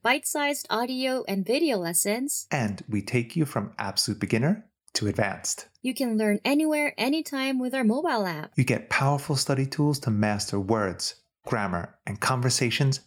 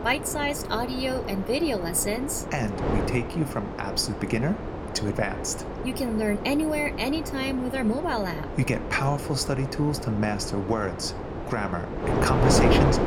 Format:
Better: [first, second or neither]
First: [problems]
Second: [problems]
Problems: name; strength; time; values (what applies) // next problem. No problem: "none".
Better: first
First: none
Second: wind noise on the microphone; heavy; 3 dB below the speech